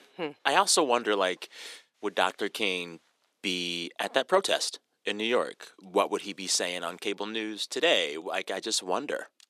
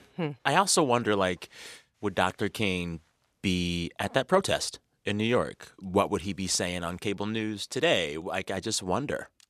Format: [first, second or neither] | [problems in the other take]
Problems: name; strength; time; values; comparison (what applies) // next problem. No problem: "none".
second | thin; somewhat; fading below 300 Hz